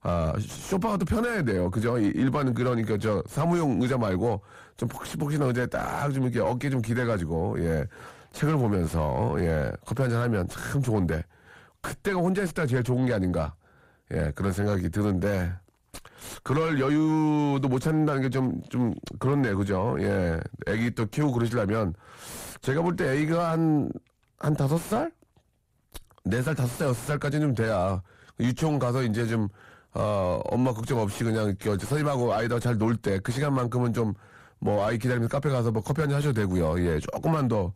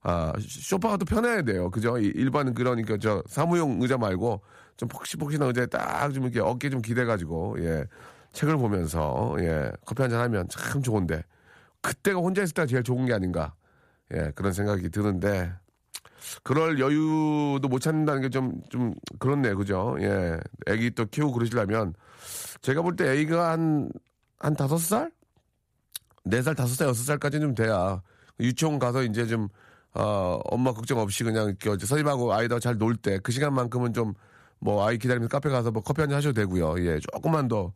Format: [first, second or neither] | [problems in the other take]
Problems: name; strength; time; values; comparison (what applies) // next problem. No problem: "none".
second | distortion; slight; 9 dB below the speech